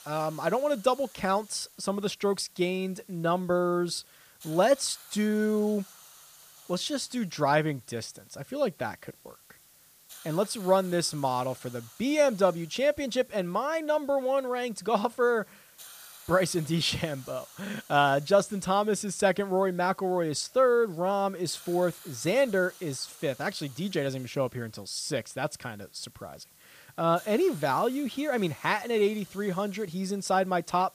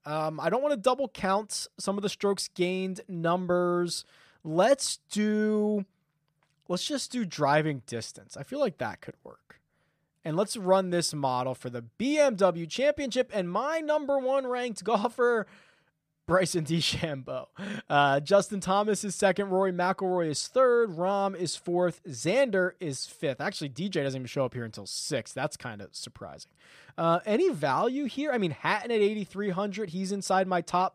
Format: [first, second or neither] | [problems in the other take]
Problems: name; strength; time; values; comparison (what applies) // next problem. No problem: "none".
second | hiss; faint; throughout; 20 dB below the speech